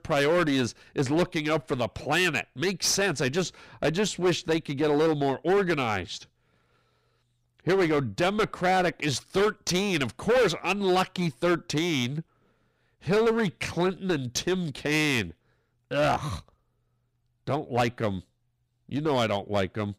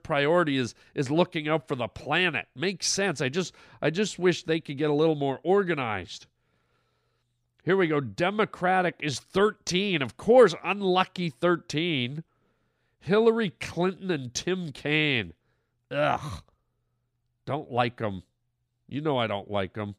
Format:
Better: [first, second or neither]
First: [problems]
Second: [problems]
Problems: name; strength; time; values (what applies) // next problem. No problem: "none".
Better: second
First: distortion; heavy; 10% of the sound clipped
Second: none